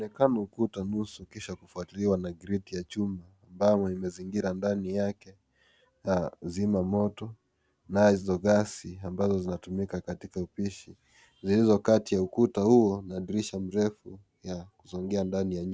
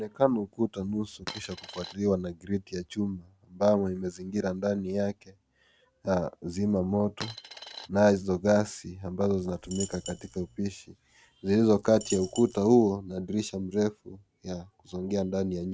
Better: first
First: none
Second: background sound (Coin (dropping) + Coin (dropping)); 14 dB below the speech

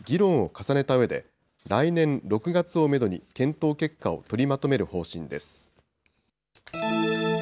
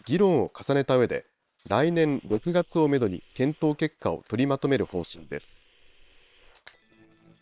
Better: first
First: none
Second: noise reduction (neural separator model SepFormer WHAM!)

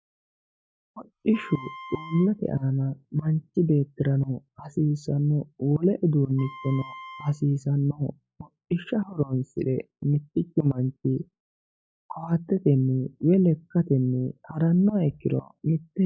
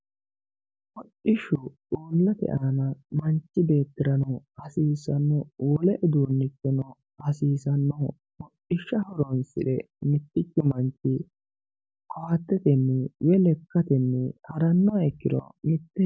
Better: second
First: noise reduction (classical method log-MMSE)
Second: none

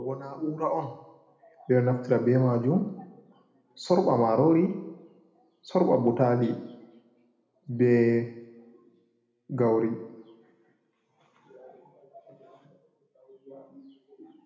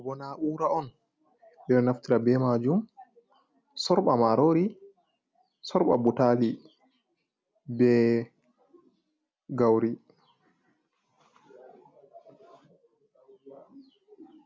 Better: second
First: room echo; dies away in 0.8 s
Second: none

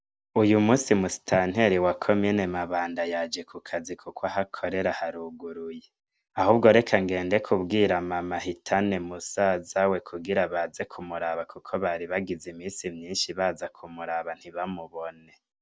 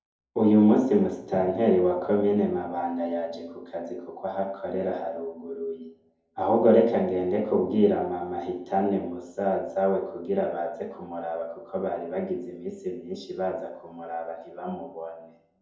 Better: first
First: none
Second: room echo; dies away in 2.6 s

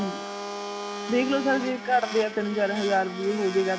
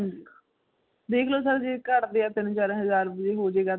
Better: second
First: background sound (Domestic sounds, home sounds); 8 dB below the speech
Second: none

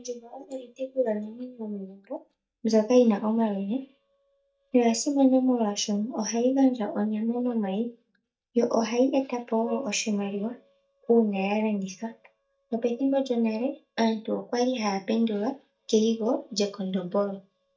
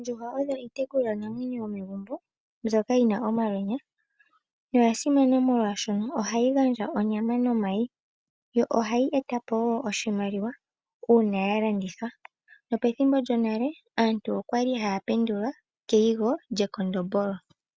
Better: second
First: noise reduction (neural mask model DeepFilterNet 3)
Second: none

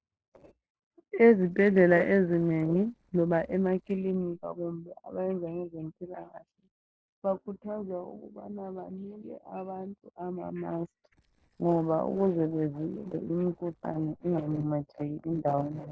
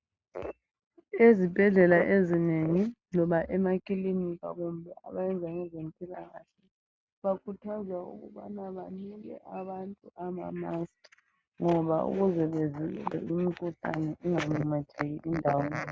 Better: second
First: noise reduction (neural separator model SepFormer DNS4)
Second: none

